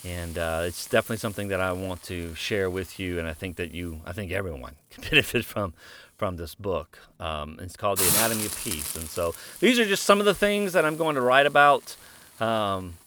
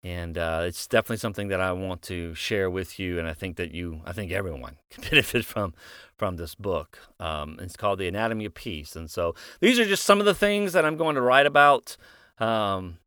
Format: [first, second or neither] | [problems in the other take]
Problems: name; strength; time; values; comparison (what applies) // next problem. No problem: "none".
second | hiss; loud; throughout; 4 dB below the speech